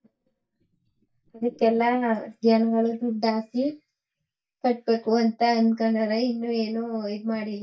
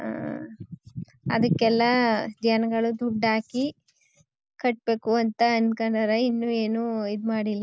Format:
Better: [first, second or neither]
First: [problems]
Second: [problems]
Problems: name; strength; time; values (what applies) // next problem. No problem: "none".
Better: second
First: noise reduction (neural mask model DeepFilterNet 3)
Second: none